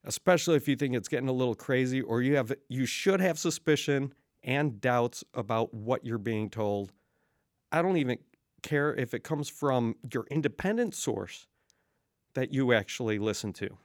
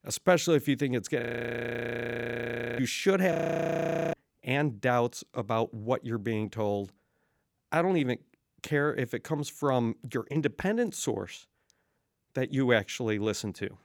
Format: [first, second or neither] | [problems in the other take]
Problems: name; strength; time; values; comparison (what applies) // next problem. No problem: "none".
first | audio freezing; at 1 s for 1.5 s and at 3.5 s for 1 s